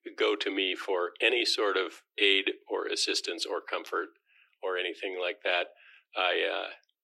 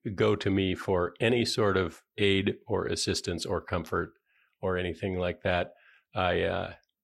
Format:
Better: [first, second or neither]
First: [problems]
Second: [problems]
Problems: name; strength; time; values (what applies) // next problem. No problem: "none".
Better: second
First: thin; somewhat; fading below 300 Hz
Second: none